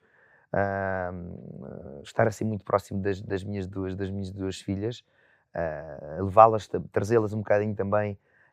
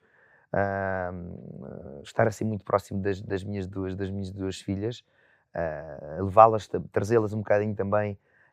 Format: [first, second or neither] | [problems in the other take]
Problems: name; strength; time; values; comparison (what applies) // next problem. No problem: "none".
neither | none